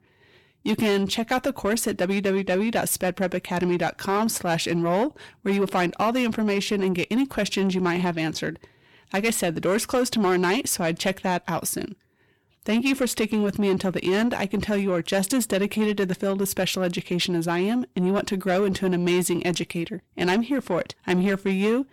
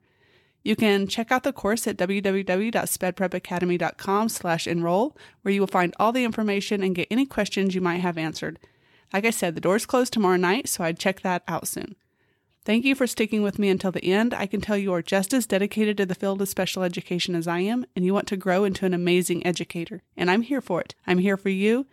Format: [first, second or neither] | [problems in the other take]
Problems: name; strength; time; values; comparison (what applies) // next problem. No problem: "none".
second | distortion; slight; 10 dB below the speech